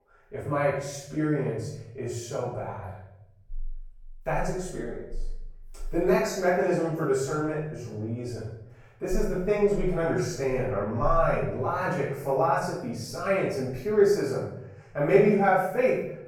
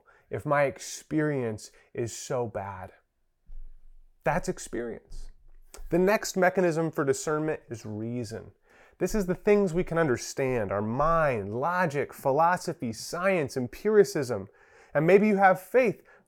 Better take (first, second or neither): second